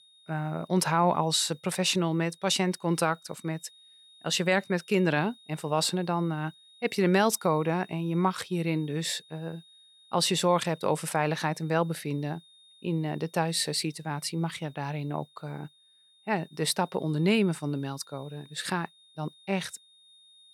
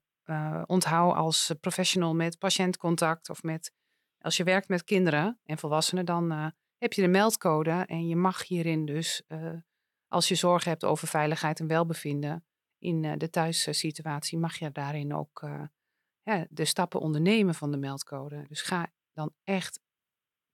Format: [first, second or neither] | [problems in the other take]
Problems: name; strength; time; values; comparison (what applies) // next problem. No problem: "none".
second | high-pitched whine; faint; throughout; 3.5 kHz, 25 dB below the speech